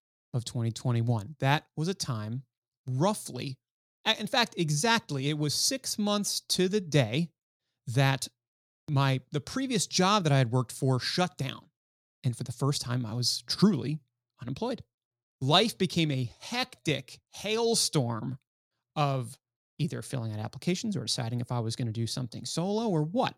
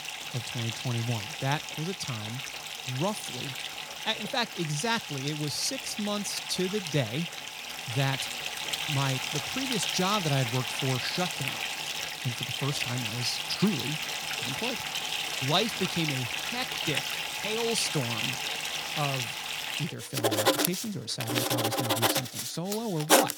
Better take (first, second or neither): first